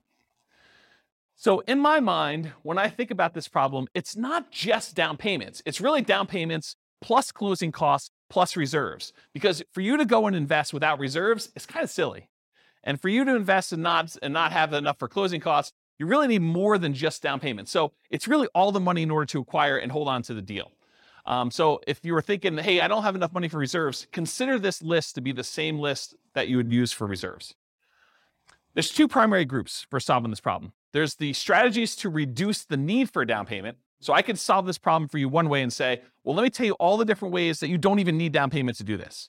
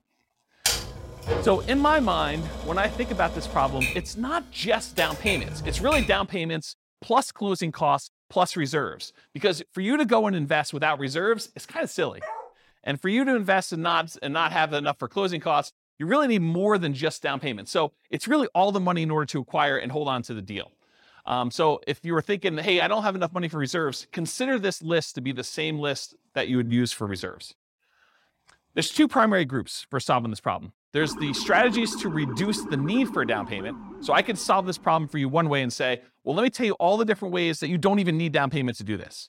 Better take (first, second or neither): first